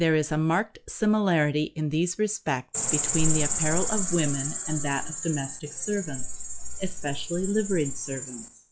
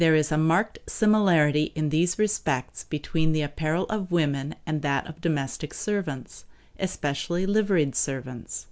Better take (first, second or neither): second